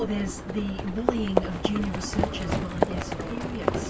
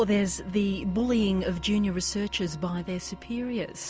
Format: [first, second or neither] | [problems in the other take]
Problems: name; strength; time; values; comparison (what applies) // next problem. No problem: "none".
second | background sound (Livestock, farm animals, working animals); 3 dB above the speech // room echo; dies away in 0.2 s